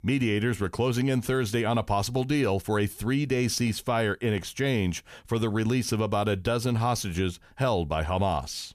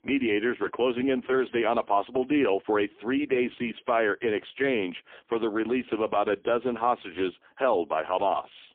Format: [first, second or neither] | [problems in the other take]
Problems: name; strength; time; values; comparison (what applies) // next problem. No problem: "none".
first | phone-call audio; poor line; nothing above 3 kHz